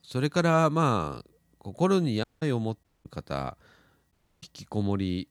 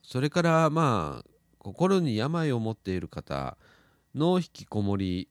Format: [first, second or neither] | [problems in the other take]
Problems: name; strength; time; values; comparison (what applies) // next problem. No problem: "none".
second | audio cutting out; at 2 s, at 3 s and at 4 s